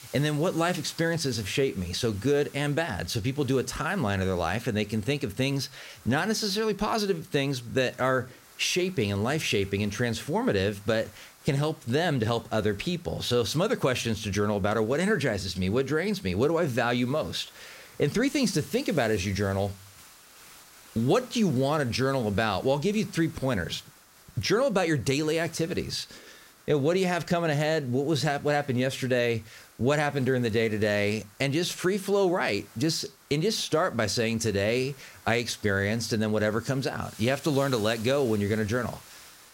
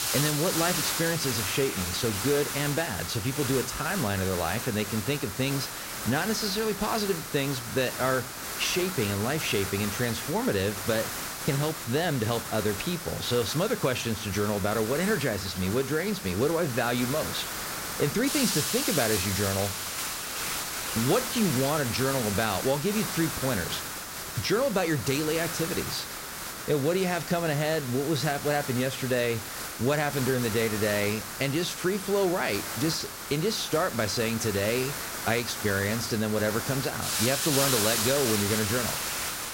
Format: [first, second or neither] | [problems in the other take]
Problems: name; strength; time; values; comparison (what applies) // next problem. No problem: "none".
first | hiss; loud; throughout; 3 dB below the speech; faint in the first